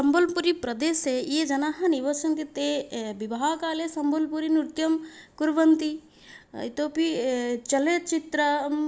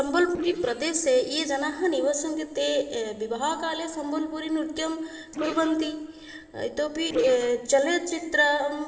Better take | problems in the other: first | noise reduction (neural separator model SepFormer DNS4)

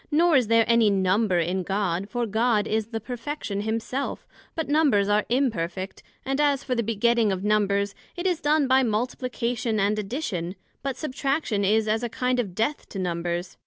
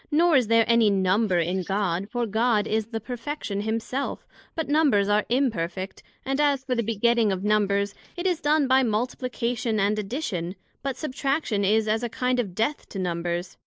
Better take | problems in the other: first | noise reduction (neural mask model Resemble Enhance denoiser)

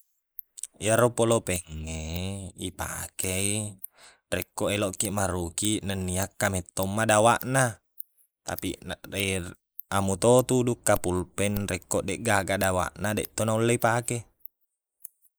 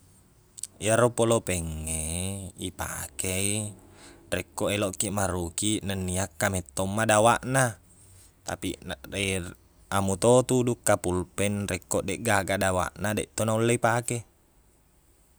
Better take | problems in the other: second | noise reduction (neural mask model Resemble Enhance denoiser)

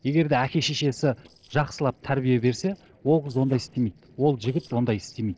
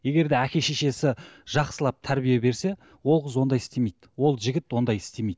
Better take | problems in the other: second | noise reduction (neural separator model SepFormer DNS4)

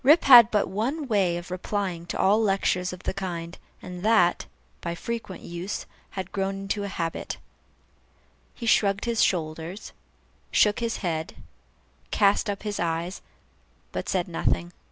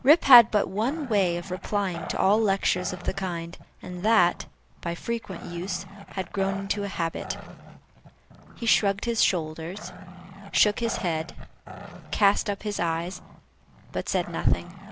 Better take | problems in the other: first | background sound (Growling); 16 dB below the speech

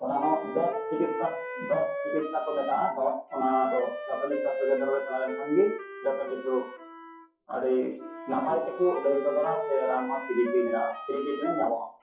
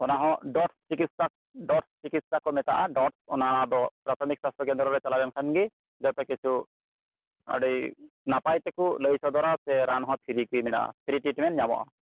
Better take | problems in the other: second | noise reduction (classical method WPE with log-MMSE)

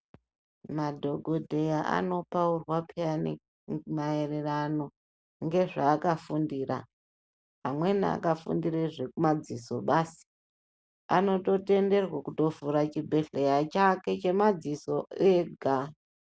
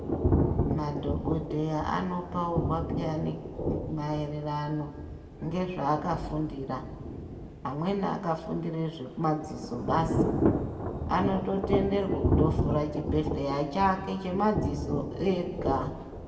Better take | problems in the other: first | background sound (Thunder / Rain); 1 dB below the speech // room echo; dies away in 1.2 s

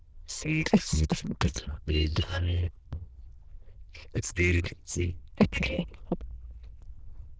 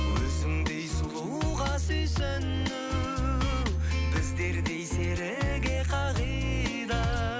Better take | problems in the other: second | noise reduction (neural diffusion model UNIVERSE++)

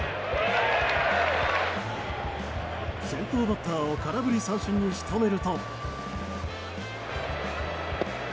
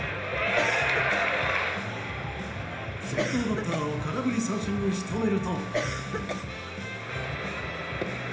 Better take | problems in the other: first | background sound (Cough); 4 dB below the speech // room echo; dies away in 1 s

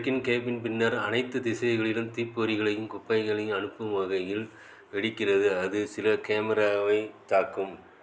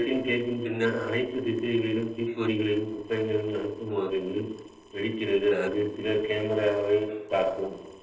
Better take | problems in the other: first | noise reduction (neural separator model SepFormer DNS4)

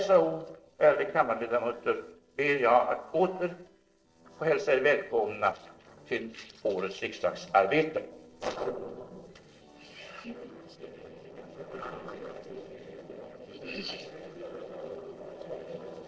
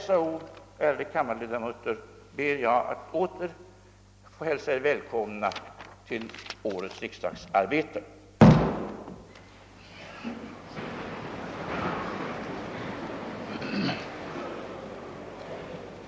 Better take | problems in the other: second | noise reduction (neural separator model SepFormer DNS4)

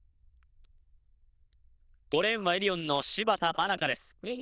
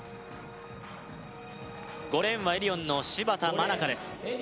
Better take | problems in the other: second | noise reduction (neural diffusion model UNIVERSE++)

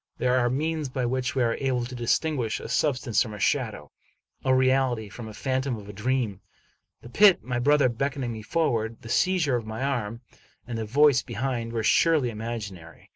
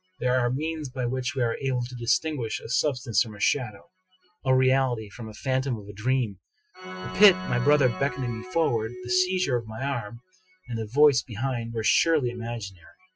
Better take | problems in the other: first | noise reduction (classical method Wiener filter)

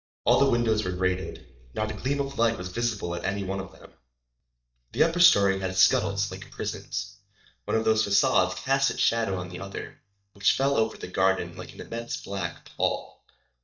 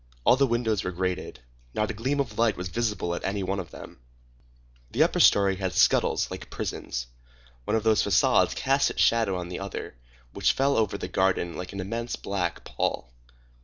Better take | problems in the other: second | noise reduction (neural mask model DeepFilterNet 3)

